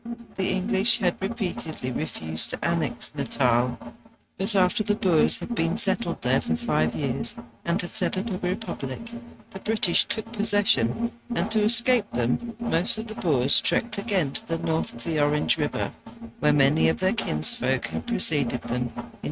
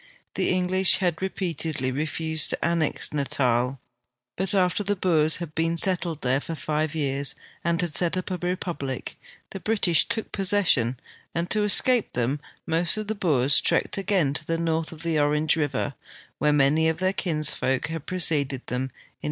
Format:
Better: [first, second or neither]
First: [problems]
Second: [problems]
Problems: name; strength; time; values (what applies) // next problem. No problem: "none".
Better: second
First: noise reduction (neural mask model RNNoise)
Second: none